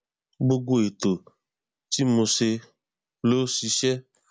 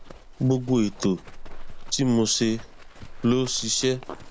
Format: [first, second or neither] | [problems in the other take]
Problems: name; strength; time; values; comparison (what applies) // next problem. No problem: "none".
first | background sound (Livestock, farm animals, working animals); 12 dB below the speech